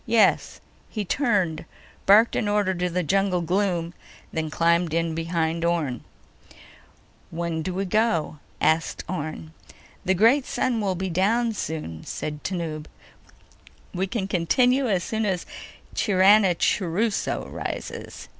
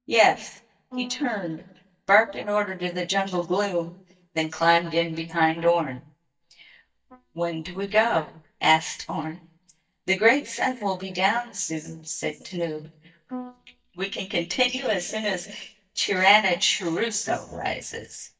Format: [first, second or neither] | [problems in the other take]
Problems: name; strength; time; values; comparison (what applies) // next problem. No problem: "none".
first | noise reduction (neural mask model DeepFilterNet 3)